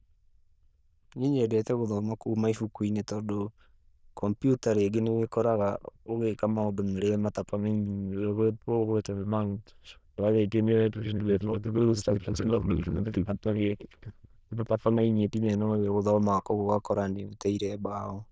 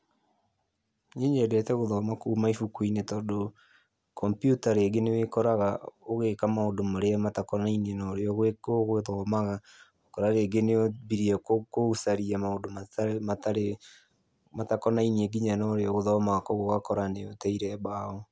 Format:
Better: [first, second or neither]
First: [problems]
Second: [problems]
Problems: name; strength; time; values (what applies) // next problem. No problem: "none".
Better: second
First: noise reduction (neural diffusion model UNIVERSE++)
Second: none